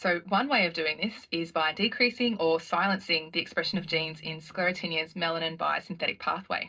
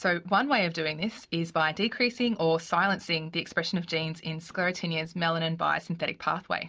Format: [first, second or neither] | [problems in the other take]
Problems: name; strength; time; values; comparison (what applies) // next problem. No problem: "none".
second | noise reduction (neural separator model SepFormer DNS4)